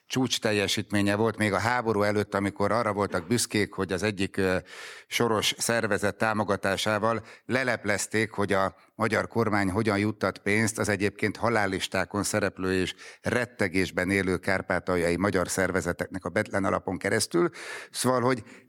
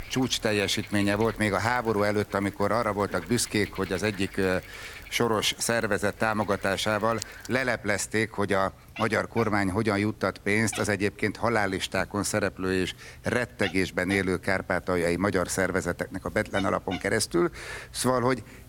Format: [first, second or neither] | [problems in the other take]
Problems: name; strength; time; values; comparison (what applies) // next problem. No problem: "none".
first | animal sounds; noticeable; throughout; 15 dB below the speech